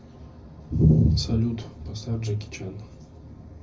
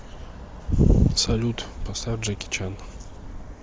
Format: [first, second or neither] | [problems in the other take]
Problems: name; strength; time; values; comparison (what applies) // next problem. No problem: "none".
second | room echo; dies away in 0.4 s